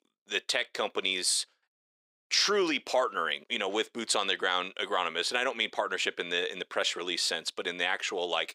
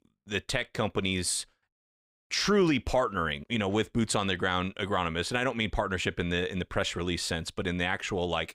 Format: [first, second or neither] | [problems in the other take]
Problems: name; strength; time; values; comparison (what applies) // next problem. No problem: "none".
second | thin; somewhat; fading below 350 Hz